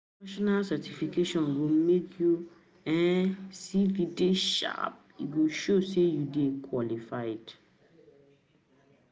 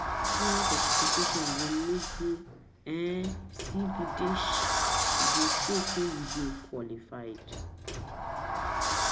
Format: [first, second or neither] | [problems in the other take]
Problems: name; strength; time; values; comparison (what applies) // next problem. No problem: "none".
first | background sound (Sliding door); 4 dB above the speech